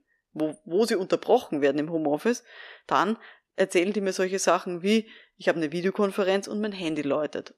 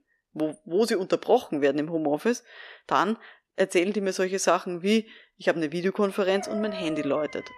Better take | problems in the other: first | animal sounds; noticeable; from 6 s on; 10 dB below the speech

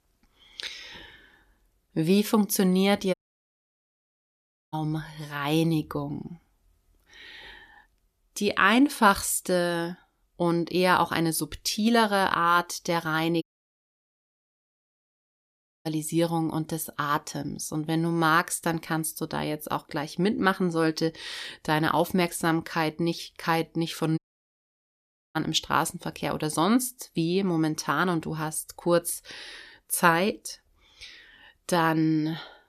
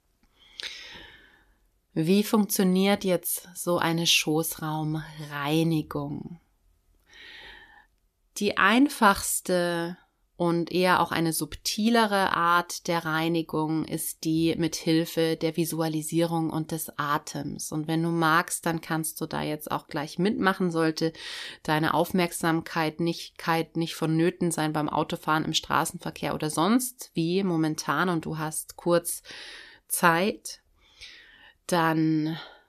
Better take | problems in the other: second | audio cutting out; at 3 s for 1.5 s, at 13 s for 2.5 s and at 24 s for 1 s

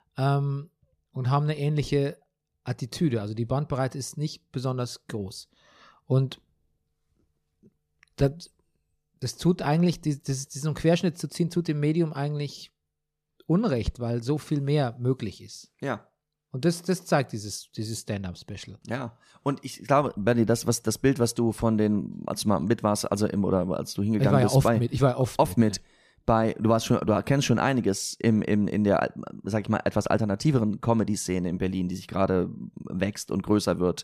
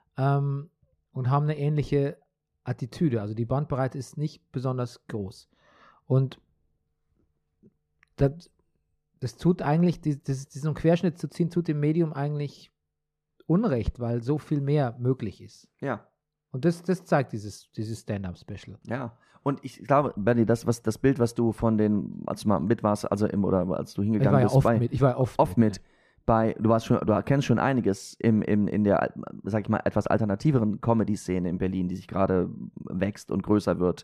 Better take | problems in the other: first | muffled; slightly; fading above 2.5 kHz

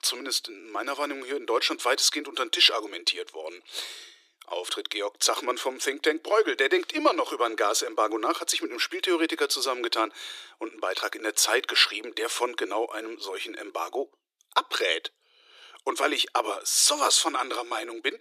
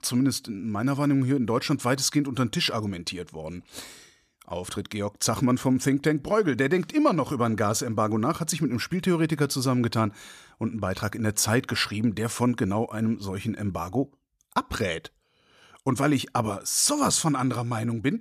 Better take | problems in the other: second | thin; very; fading below 350 Hz

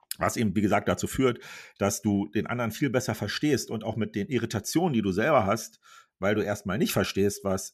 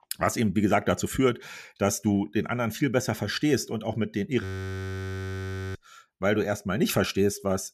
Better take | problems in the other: first | audio freezing; at 4.5 s for 1.5 s

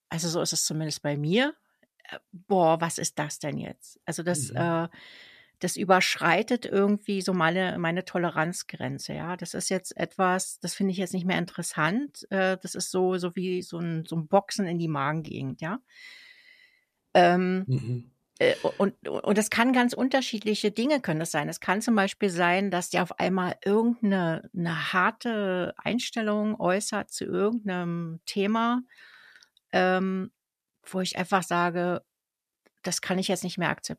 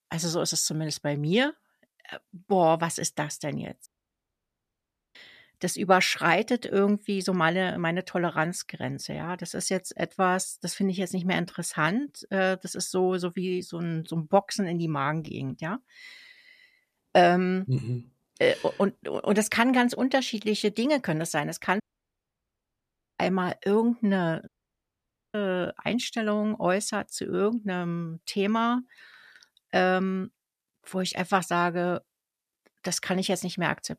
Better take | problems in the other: first | audio cutting out; at 4 s for 1.5 s, at 22 s for 1.5 s and at 24 s for 1 s

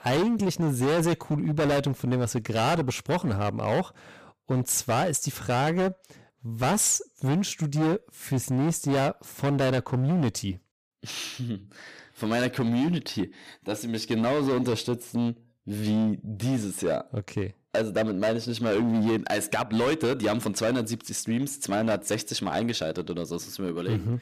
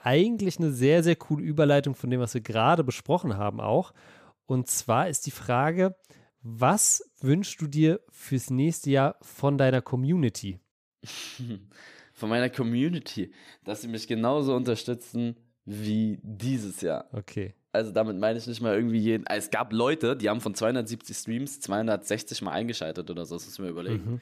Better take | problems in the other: second | distortion; heavy; 15% of the sound clipped

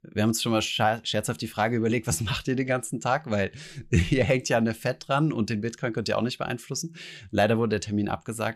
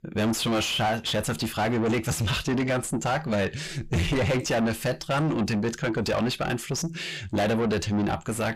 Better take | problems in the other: first | distortion; heavy; 5 dB below the speech

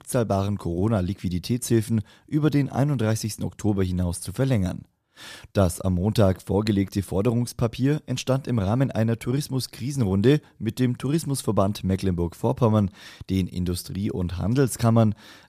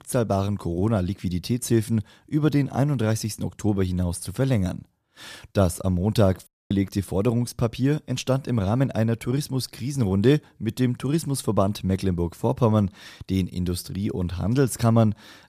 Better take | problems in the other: first | audio cutting out; at 6.5 s

